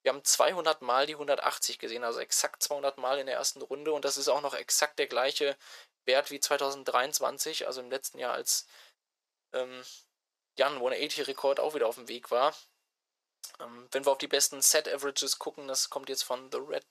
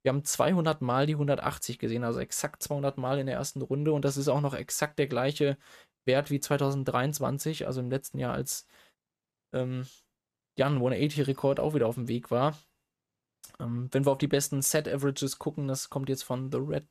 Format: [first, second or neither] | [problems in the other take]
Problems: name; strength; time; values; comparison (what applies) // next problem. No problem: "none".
second | thin; very; fading below 500 Hz